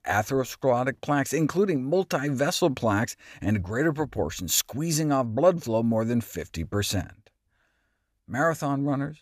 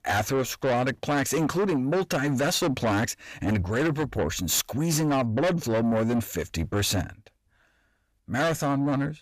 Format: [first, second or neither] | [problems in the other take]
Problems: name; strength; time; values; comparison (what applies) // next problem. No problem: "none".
first | distortion; heavy; 7 dB below the speech